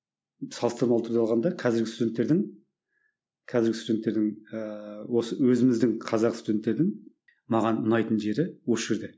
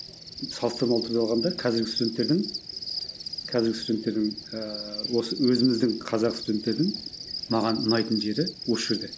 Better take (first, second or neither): first